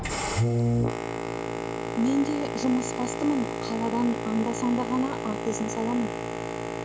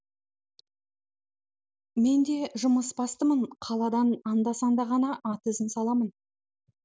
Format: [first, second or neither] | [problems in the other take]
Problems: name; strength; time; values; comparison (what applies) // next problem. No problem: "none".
second | background sound (Boat, Water vehicle); as loud as the speech